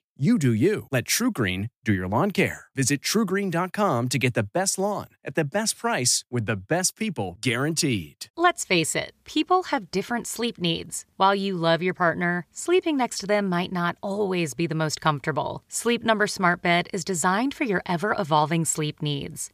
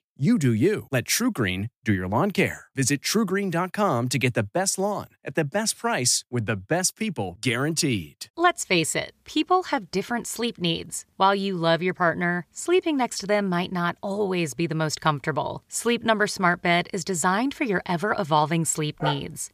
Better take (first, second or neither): first